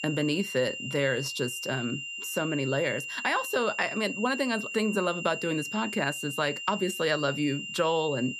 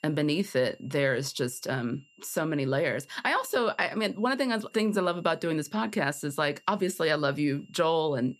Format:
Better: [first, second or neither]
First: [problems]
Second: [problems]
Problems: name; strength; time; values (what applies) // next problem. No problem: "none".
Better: second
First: high-pitched whine; loud; throughout; 3 kHz, 6 dB below the speech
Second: high-pitched whine; faint; throughout; 3 kHz, 30 dB below the speech